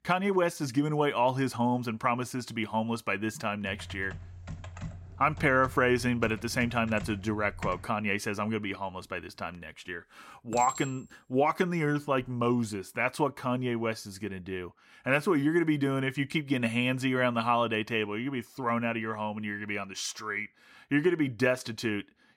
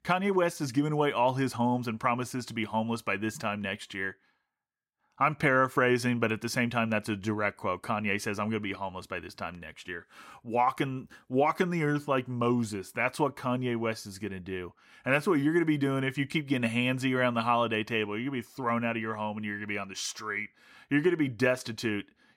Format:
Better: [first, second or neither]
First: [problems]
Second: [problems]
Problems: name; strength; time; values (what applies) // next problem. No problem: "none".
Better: second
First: keyboard typing; faint; from 3.5 to 8 s; peak 10 dB below the speech // clattering dishes; noticeable; from 11 to 12 s; peak 7 dB below the speech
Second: none